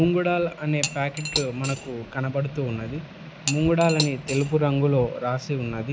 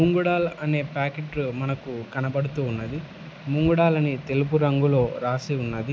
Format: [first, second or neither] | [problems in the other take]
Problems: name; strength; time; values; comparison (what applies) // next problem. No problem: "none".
second | background sound (Cutlery, silverware / Dishes, pots, and pans); 8 dB below the speech